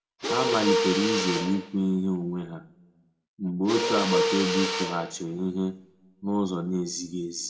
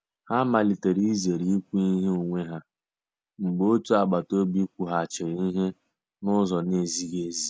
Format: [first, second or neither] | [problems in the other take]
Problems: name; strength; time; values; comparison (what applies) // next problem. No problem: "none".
second | background sound (Mechanisms); 1 dB below the speech // room echo; dies away in 0.5 s